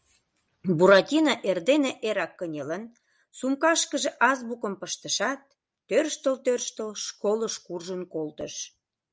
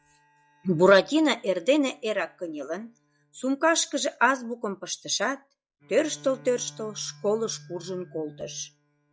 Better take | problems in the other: first | noise reduction (classical method log-MMSE)

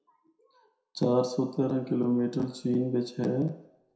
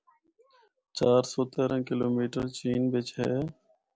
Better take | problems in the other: second | room echo; dies away in 0.6 s

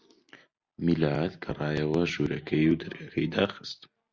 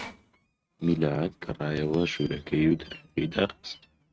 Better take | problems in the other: first | noise reduction (neural mask model RNNoise)

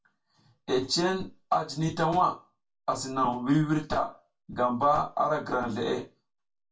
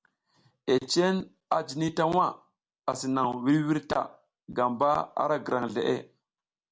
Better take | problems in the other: second | room echo; dies away in 0.2 s

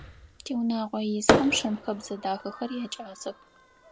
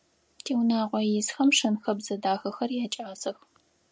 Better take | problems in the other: second | background sound (Fireworks); as loud as the speech

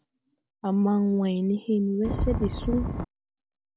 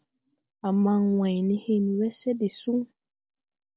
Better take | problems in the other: second | background sound (Wind); 1 dB below the speech

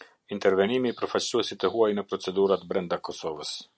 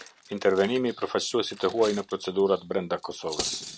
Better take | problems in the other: first | background sound (Cutlery, silverware); 14 dB below the speech

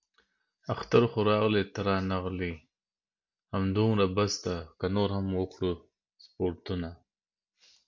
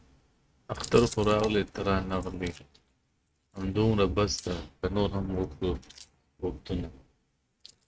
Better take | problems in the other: first | noise reduction (neural mask model RNNoise)

